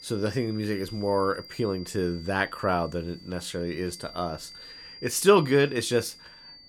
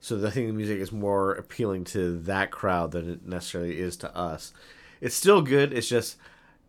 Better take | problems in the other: second | high-pitched whine; noticeable; throughout; 5 kHz, 15 dB below the speech

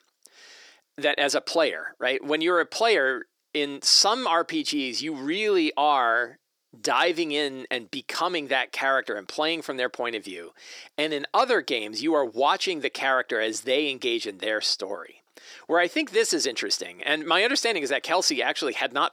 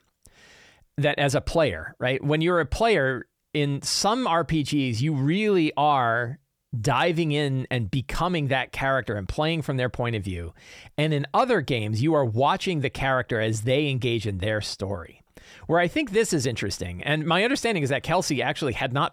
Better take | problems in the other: second | thin; somewhat; fading below 300 Hz

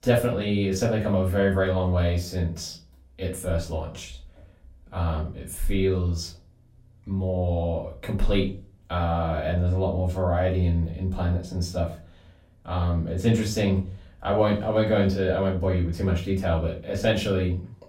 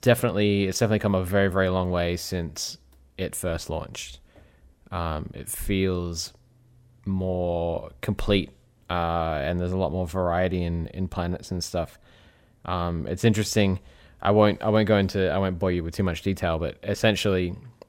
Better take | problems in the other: second | off-mic speech; far // room echo; slight; dies away in 0.3 s

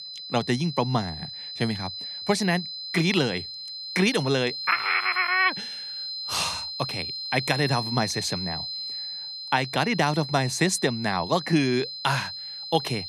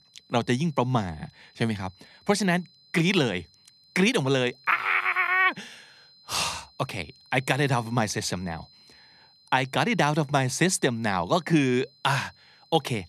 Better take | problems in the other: second | high-pitched whine; loud; throughout; 4 kHz, 7 dB below the speech; faint in the second

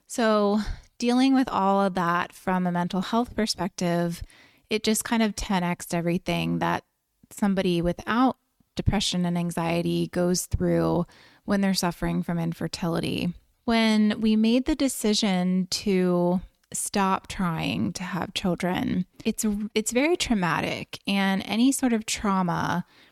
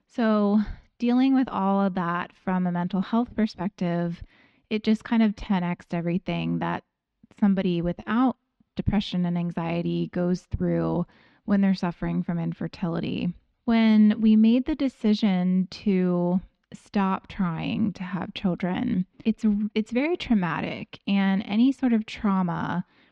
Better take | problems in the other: first | muffled; slightly; fading above 3.5 kHz

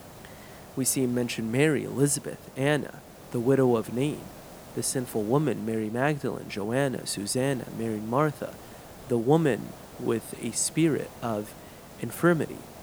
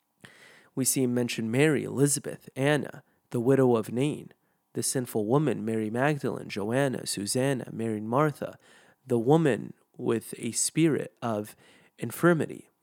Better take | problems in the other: second | hiss; noticeable; throughout; 20 dB below the speech

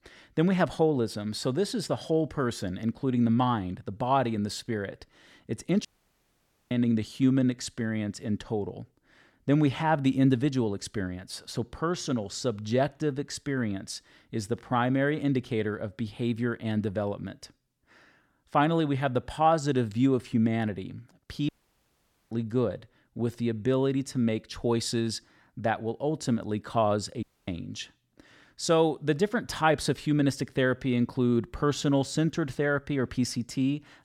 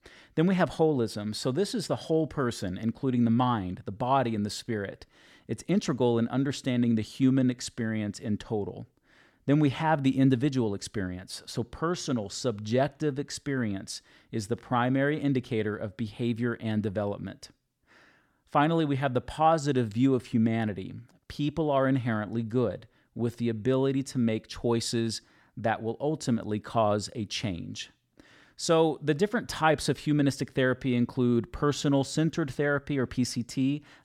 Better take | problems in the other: second | audio cutting out; at 6 s for 1 s, at 21 s for 1 s and at 27 s

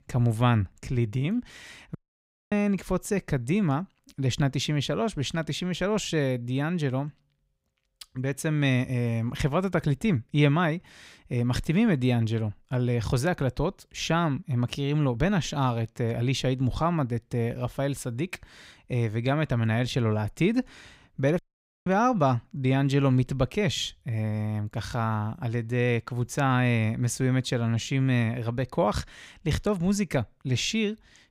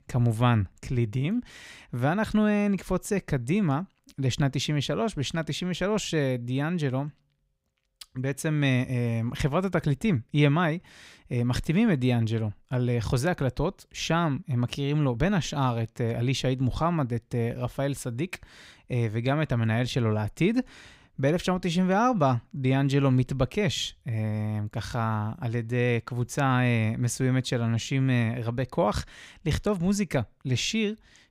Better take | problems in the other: second | audio cutting out; at 2 s for 0.5 s and at 21 s

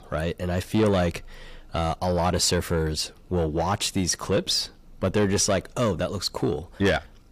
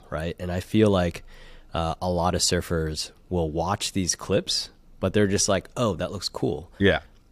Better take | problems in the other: second | distortion; slight; 10 dB below the speech

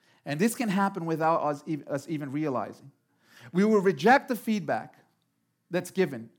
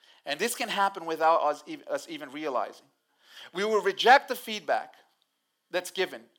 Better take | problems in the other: first | thin; very; fading below 600 Hz

